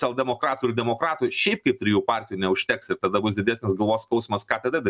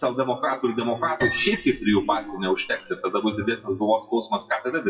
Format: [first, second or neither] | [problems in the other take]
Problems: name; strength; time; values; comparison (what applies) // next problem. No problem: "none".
first | noise reduction (classical method WPE with log-MMSE)